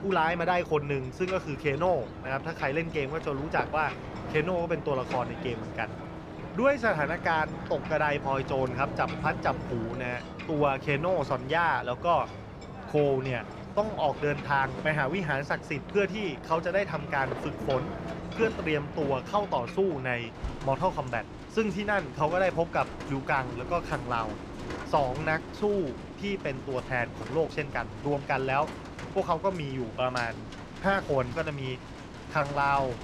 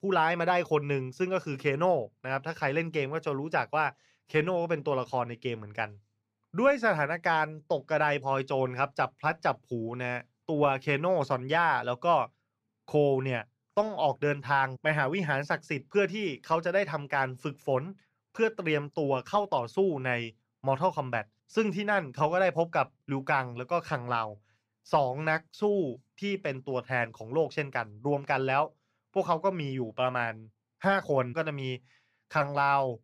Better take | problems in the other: second | rain or running water; loud; throughout; 10 dB below the speech

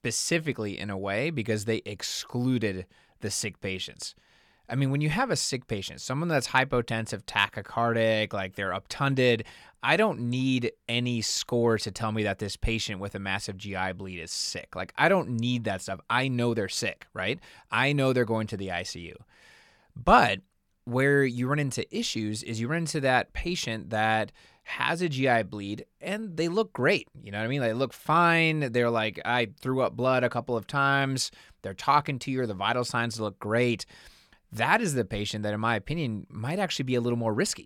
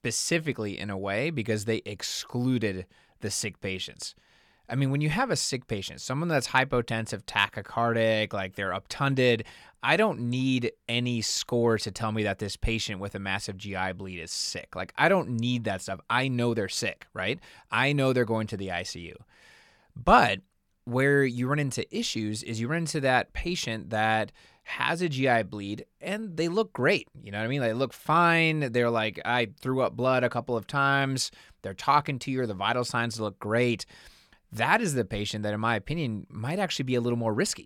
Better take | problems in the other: neither | none

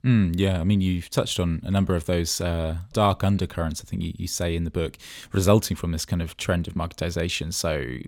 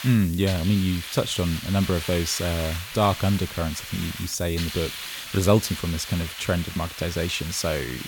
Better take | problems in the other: first | hiss; loud; throughout; 8 dB below the speech

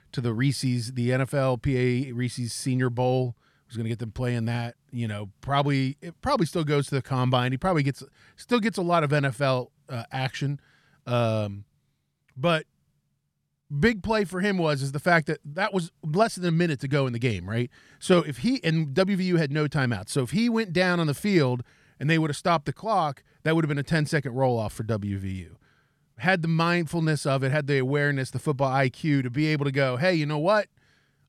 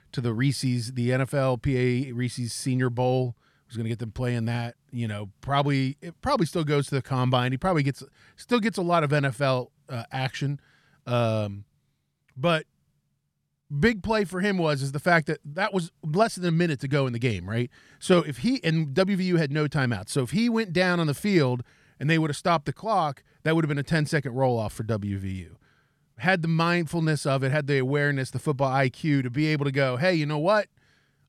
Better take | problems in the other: neither | none

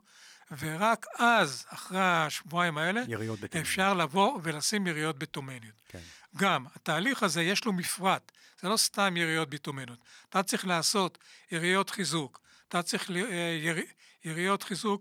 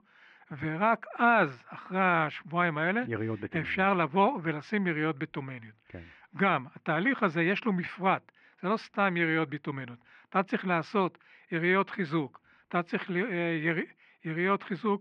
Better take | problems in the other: first | muffled; very; fading above 2.5 kHz

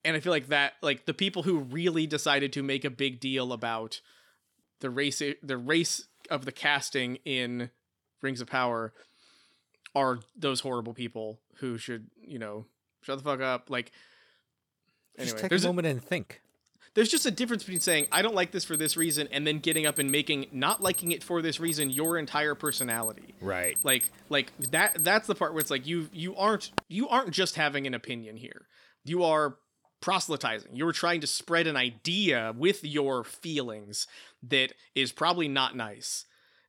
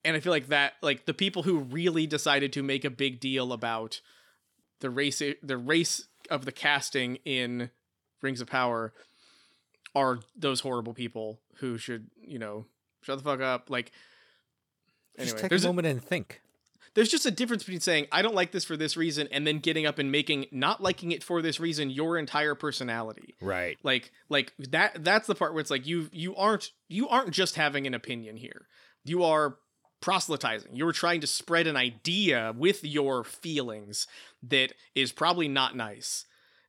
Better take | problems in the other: second | alarm; loud; from 17 to 27 s; peak 3 dB above the speech

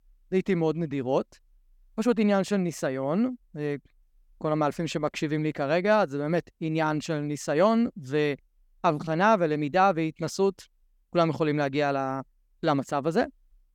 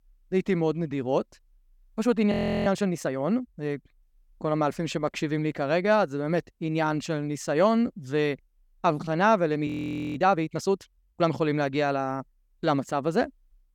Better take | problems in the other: first | audio freezing; at 2.5 s and at 9.5 s

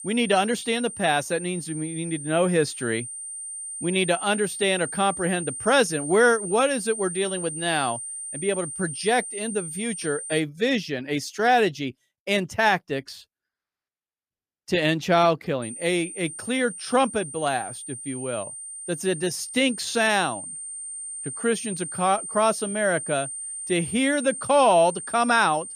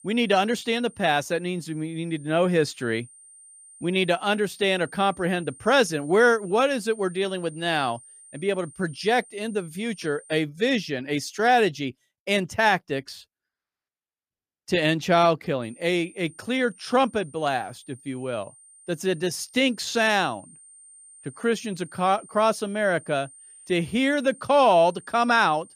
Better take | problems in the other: second | high-pitched whine; loud; until 10 s and from 16 s on; 9 kHz, 8 dB below the speech; faint in the second

